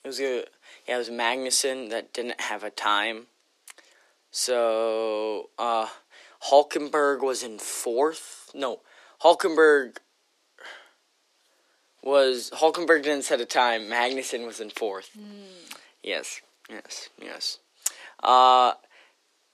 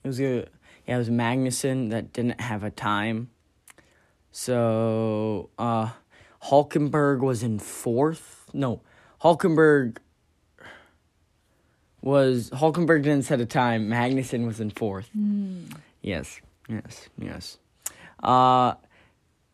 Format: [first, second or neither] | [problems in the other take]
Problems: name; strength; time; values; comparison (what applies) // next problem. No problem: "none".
second | thin; very; fading below 400 Hz